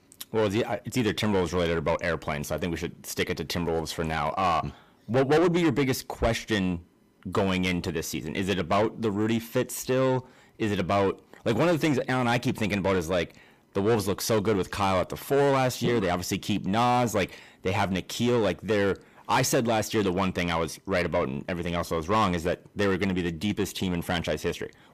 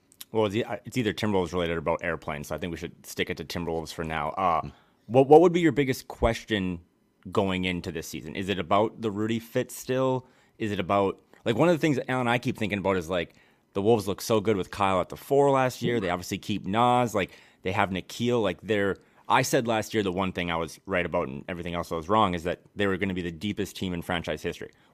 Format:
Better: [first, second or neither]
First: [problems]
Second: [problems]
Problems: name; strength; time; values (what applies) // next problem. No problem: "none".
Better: second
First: distortion; heavy; 7 dB below the speech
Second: none